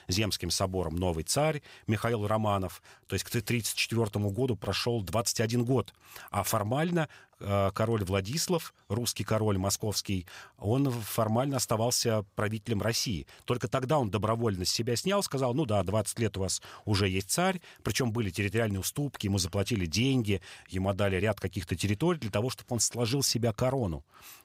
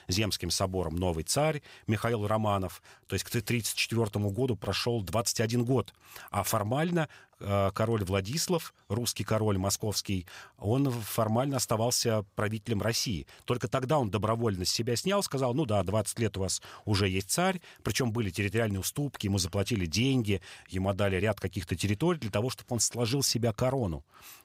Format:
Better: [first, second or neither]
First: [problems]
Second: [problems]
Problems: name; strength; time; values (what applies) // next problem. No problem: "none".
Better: neither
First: none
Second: none